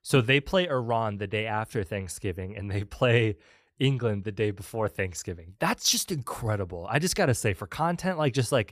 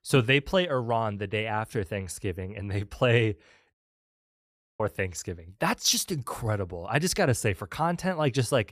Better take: first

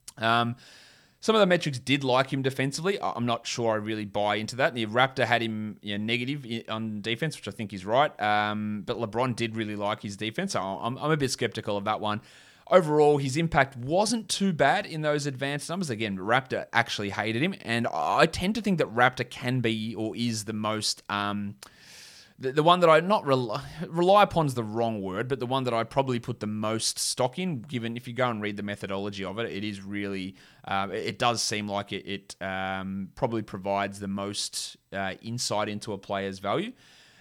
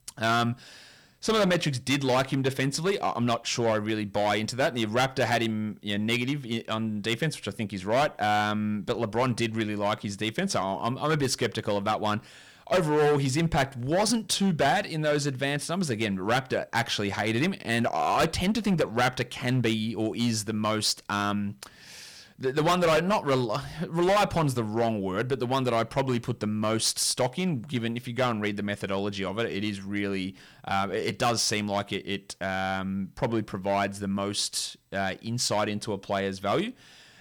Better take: first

